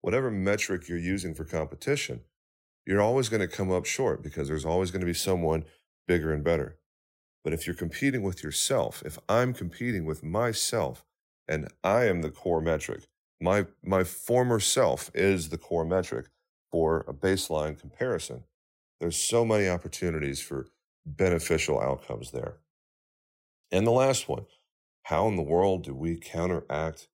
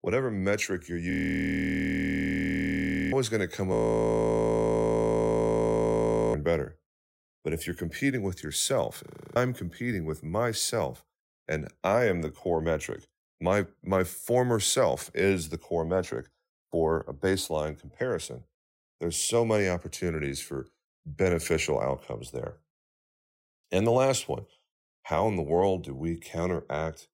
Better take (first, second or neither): first